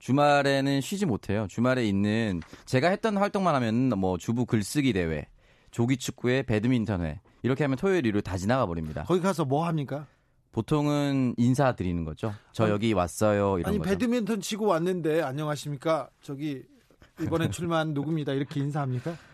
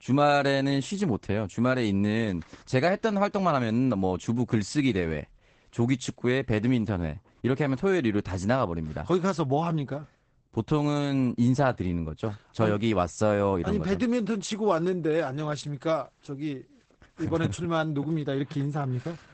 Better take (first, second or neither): first